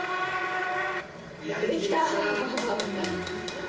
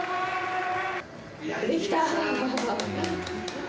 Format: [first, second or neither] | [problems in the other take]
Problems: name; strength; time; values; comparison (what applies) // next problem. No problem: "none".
second | room echo; dies away in 2.5 s